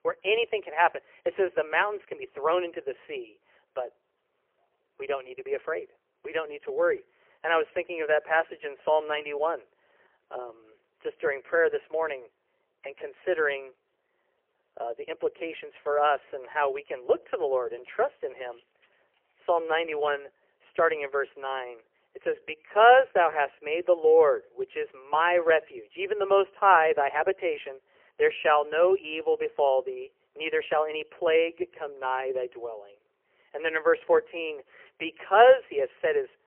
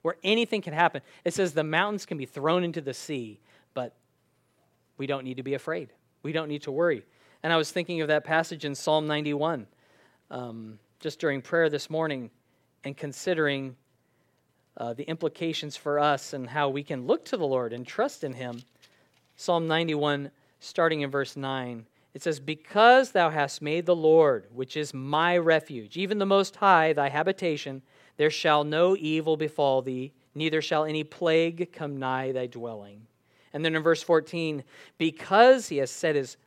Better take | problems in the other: second | phone-call audio; poor line; nothing above 3 kHz

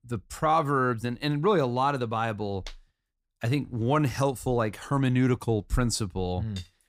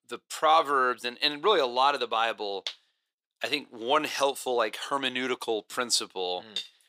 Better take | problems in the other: first | thin; very; fading below 450 Hz

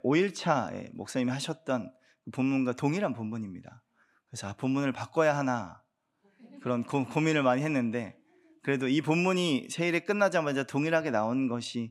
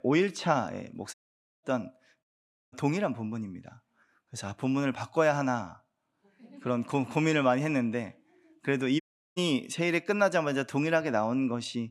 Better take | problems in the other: first | audio cutting out; at 1 s, at 2 s and at 9 s

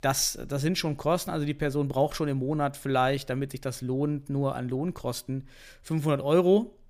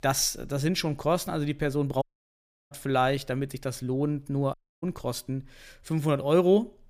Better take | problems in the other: first | audio cutting out; at 2 s for 0.5 s and at 4.5 s

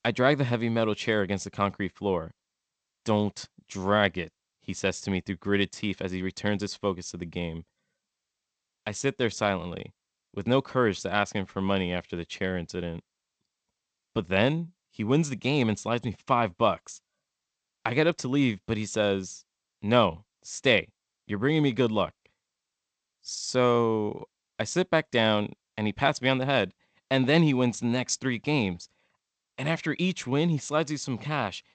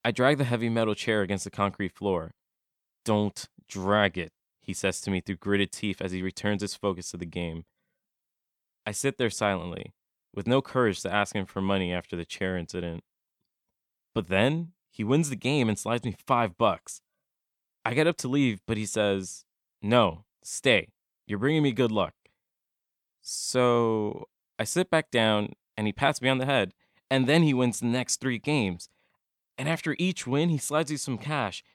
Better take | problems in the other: second | garbled, watery; slightly; nothing above 8 kHz

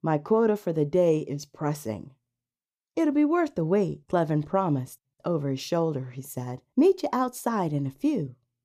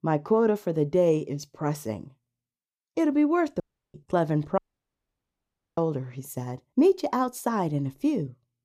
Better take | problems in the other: first | audio cutting out; at 3.5 s and at 4.5 s for 1 s

